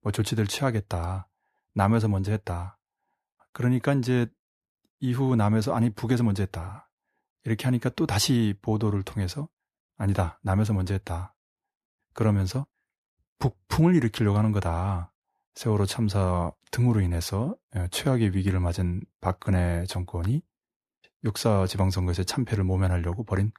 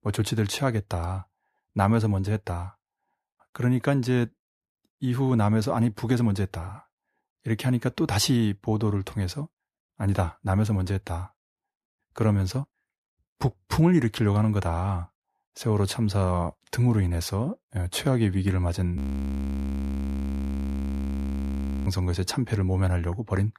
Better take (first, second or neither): first